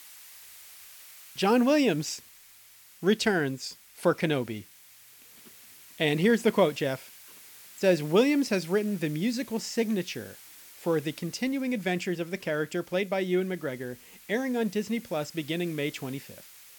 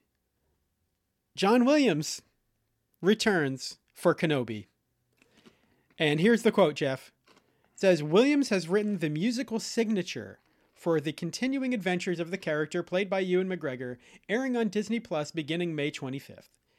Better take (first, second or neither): second